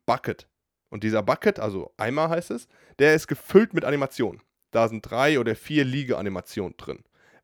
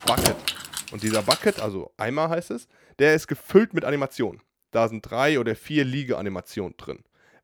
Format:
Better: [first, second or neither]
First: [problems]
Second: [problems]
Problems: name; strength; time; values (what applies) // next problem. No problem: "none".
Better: first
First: none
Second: jangling keys; loud; until 1.5 s; peak 3 dB above the speech